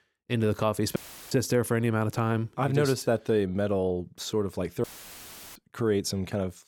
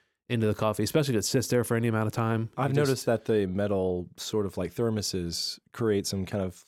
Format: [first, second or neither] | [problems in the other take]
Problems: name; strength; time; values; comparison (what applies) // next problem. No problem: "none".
second | audio cutting out; filled with static; at 1 s and at 5 s for 0.5 s